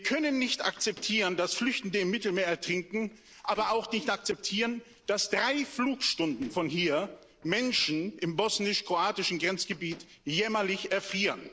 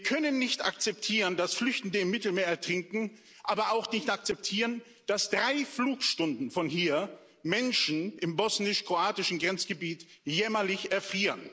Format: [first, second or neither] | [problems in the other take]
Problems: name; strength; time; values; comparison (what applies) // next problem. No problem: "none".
second | noise reduction (neural separator model SepFormer DNS4)